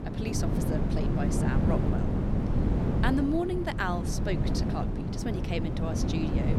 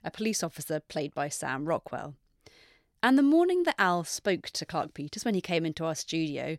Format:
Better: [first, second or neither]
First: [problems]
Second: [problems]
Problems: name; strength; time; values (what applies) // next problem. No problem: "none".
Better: second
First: wind noise on the microphone; heavy; 1 dB below the speech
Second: none